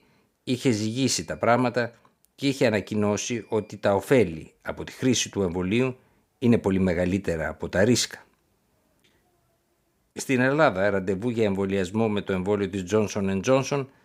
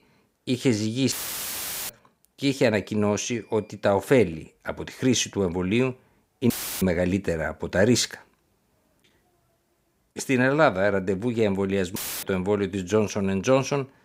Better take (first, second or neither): first